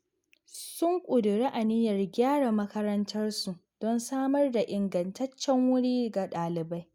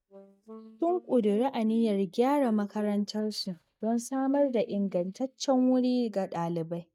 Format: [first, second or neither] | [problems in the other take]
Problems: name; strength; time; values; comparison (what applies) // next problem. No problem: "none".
first | noise reduction (neural mask model DeepFilterNet 3)